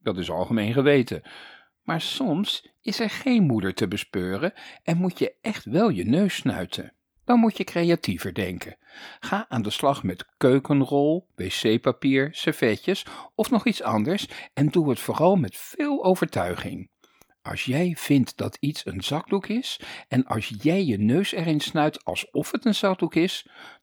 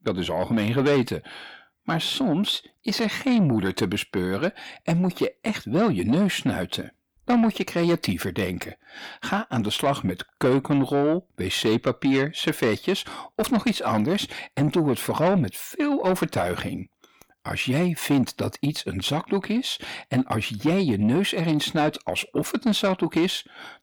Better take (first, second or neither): first